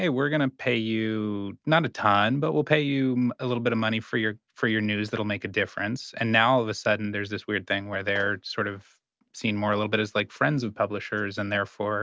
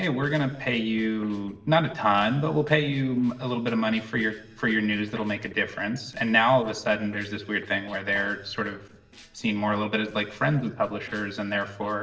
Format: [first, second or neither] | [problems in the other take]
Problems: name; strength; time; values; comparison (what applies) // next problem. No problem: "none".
first | noise reduction (neural separator model SepFormer DNS4)